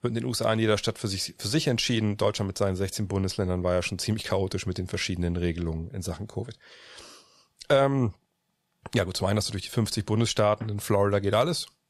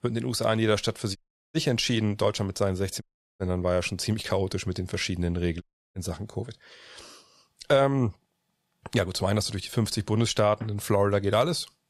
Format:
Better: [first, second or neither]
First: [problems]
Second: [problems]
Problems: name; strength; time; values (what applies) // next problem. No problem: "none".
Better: first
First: none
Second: audio cutting out; at 1 s, at 3 s and at 5.5 s